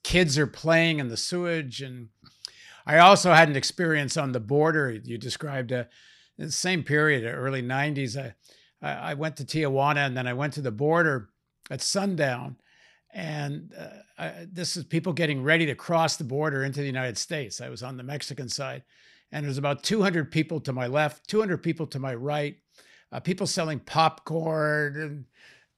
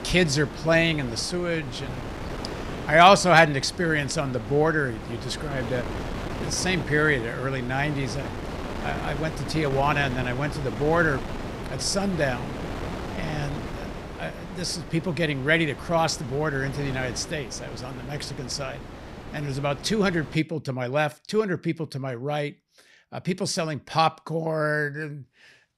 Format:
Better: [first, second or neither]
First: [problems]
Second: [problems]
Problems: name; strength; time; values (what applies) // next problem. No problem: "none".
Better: first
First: none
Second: wind noise on the microphone; occasional gusts; until 20 s; 15 dB below the speech